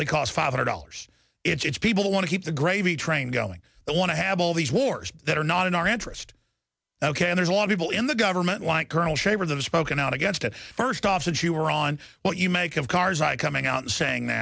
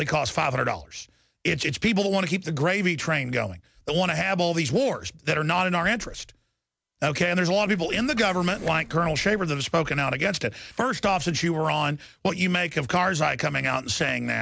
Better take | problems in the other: first | background sound (Liquid); 17 dB below the speech

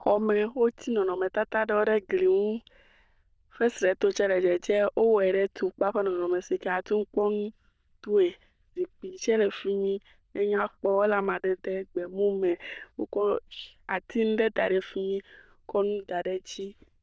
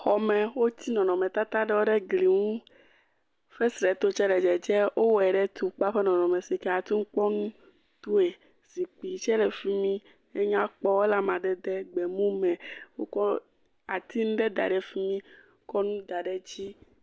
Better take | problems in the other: second | noise reduction (neural diffusion model UNIVERSE++)

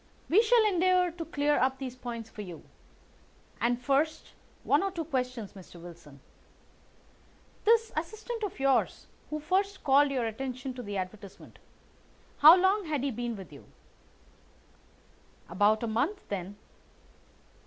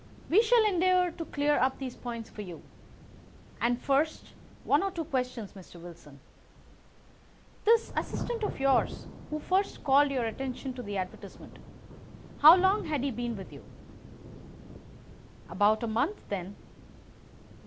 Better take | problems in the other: first | background sound (Thunder / Rain); 14 dB below the speech

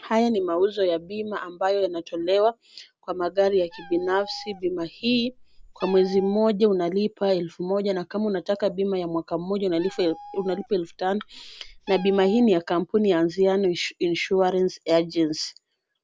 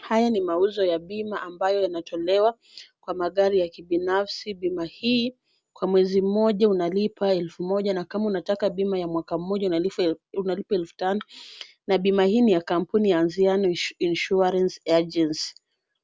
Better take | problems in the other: second | background sound (Meow); 19 dB below the speech

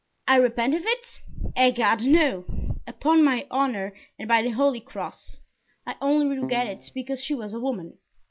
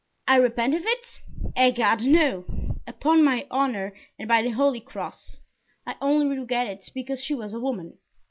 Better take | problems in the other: second | background sound (Keyboard (musical)); 10 dB below the speech

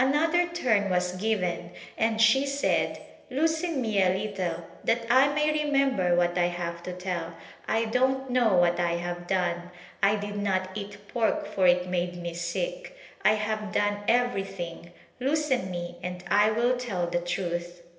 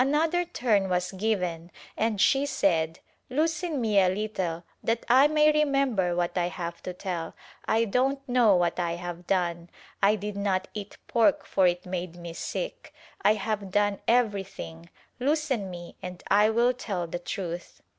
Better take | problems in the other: second | room echo; dies away in 1.4 s

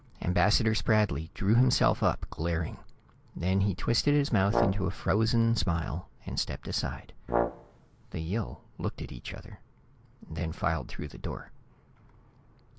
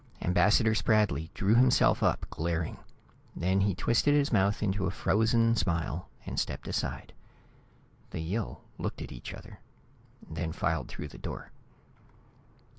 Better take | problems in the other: second | background sound (Brass instrument); 3 dB below the speech

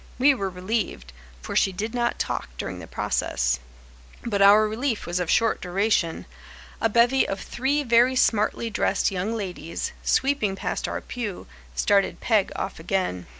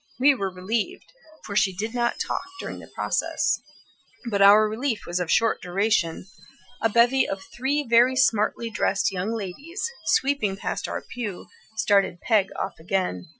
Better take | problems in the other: first | noise reduction (classical method Wiener filter)

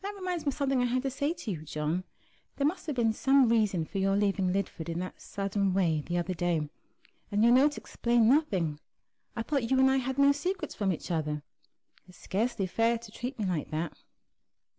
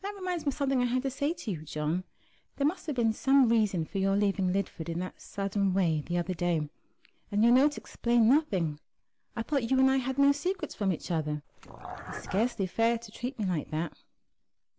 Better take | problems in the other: first | background sound (Dog); 12 dB below the speech

